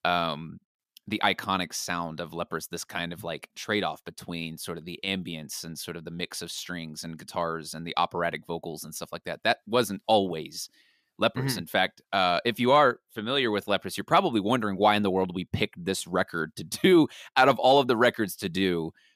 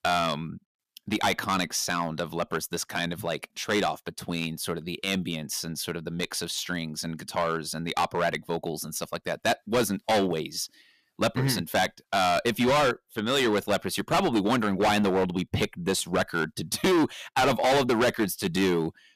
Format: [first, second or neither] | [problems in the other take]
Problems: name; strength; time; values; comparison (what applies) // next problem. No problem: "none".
first | distortion; heavy; 9% of the sound clipped